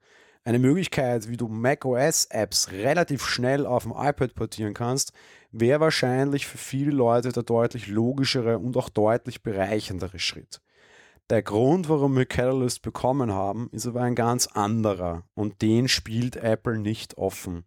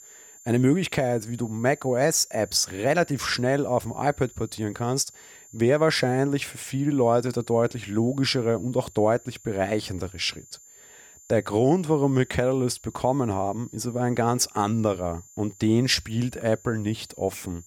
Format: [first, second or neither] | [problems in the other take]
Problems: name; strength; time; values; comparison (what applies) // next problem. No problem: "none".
first | high-pitched whine; faint; throughout; 7 kHz, 25 dB below the speech